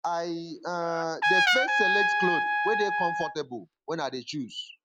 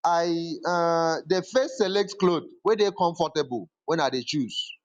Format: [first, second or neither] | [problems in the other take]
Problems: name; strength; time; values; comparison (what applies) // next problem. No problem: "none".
second | background sound (Trumpet); 5 dB above the speech